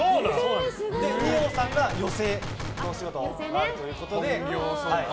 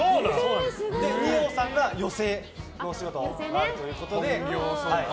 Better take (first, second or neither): second